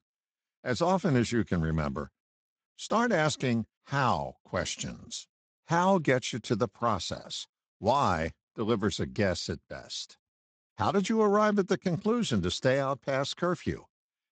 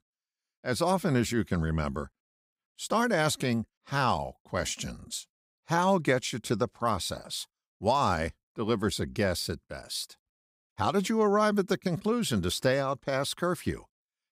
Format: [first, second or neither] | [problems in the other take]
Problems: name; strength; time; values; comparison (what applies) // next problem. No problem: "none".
second | garbled, watery; slightly; nothing above 8 kHz